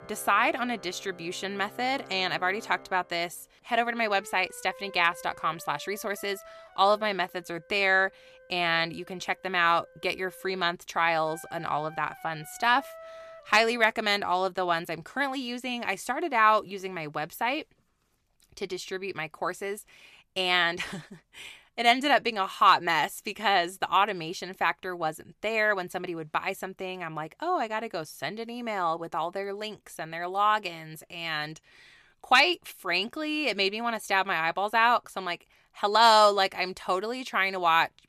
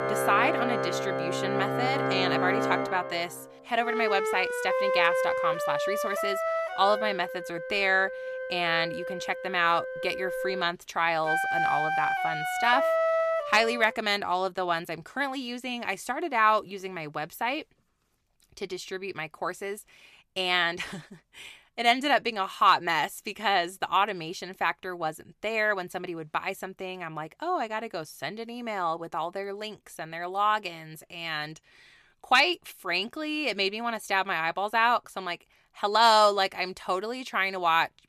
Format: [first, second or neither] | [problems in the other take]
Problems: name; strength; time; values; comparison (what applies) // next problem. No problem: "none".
first | background music; loud; until 14 s; 2 dB below the speech; faint in the first